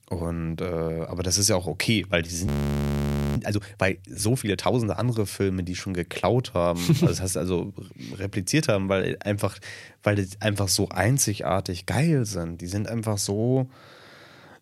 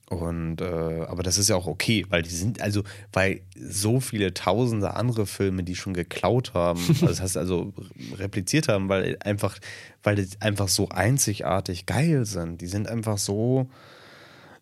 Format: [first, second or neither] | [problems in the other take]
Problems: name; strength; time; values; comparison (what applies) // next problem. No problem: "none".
second | audio freezing; at 2.5 s for 1 s